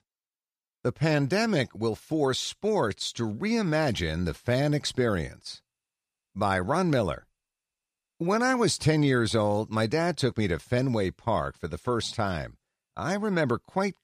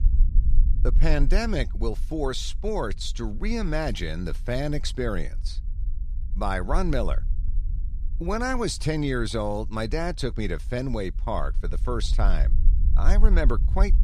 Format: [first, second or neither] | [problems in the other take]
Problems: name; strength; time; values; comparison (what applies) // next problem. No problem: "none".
first | low rumble; faint; throughout; 20 dB below the speech